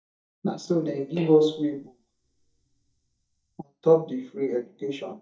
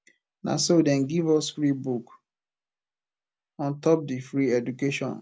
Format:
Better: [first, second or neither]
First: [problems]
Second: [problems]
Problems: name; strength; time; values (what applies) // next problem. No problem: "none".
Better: second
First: noise reduction (neural mask model DeepFilterNet 3)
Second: none